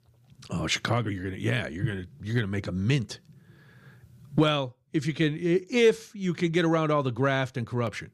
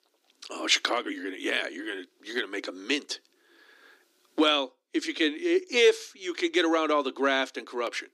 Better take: first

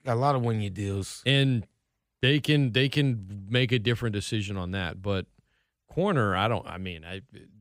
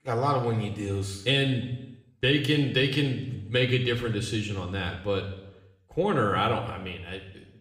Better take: first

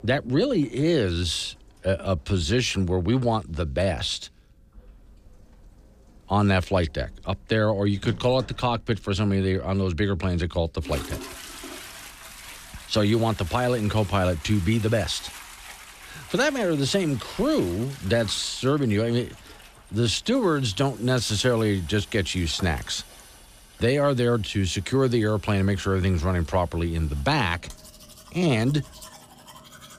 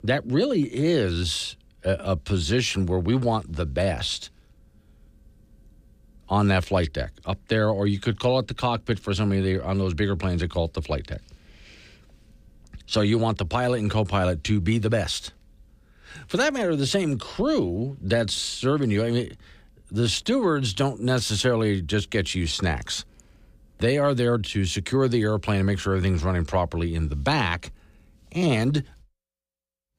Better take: second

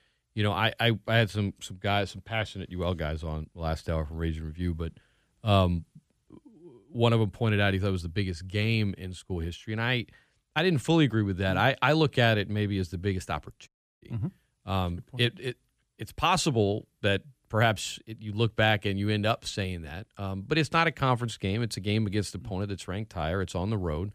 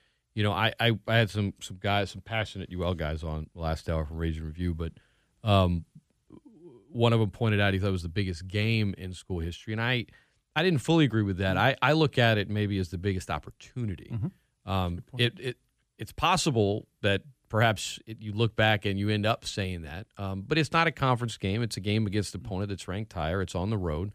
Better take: second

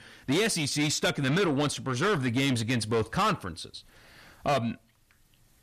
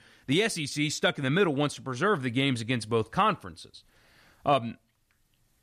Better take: second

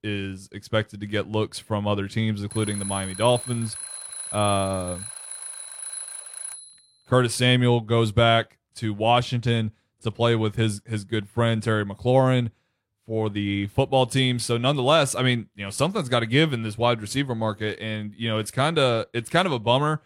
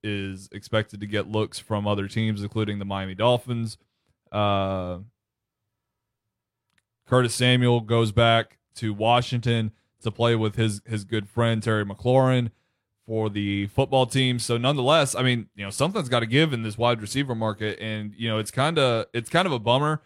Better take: second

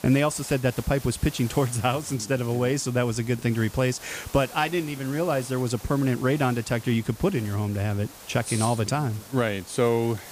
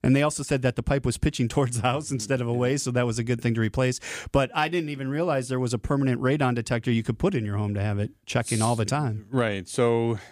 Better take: second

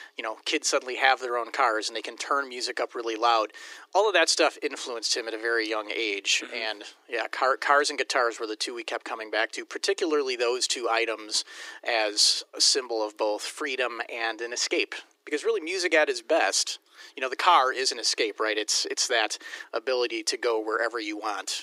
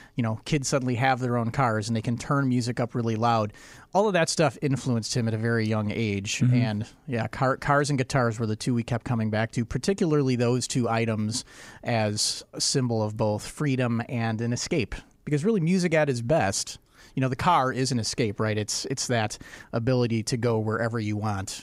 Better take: second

